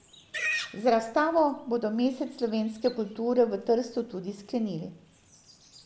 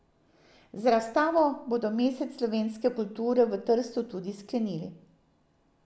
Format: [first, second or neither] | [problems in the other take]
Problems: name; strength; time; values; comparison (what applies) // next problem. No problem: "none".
second | background sound (Livestock, farm animals, working animals); 13 dB below the speech